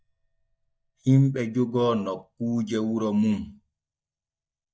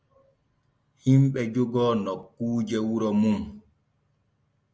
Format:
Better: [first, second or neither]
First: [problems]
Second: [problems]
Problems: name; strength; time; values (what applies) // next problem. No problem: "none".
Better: second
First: noise reduction (neural mask model DeepFilterNet 3)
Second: none